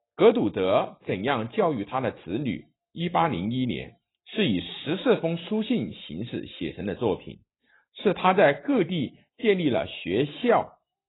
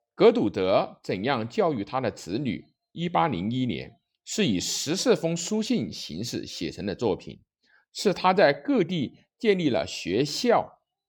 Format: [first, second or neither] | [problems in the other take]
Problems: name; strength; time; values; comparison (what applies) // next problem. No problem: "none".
second | garbled, watery; badly; nothing above 4 kHz